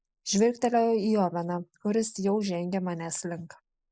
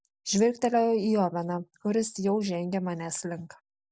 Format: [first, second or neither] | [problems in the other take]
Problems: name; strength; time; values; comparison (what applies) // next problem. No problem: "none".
second | noise reduction (neural mask model Resemble Enhance denoiser)